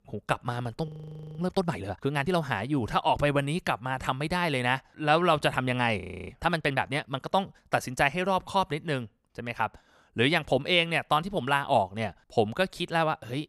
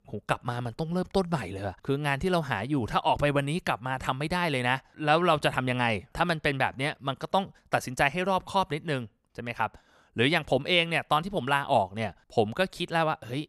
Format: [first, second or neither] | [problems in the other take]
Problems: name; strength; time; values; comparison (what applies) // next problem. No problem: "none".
second | audio freezing; at 1 s and at 6 s